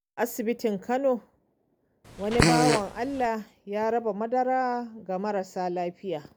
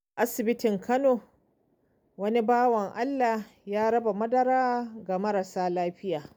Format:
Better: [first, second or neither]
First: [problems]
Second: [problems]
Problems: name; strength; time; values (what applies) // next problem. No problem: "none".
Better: second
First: background sound (Fart); 3 dB above the speech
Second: none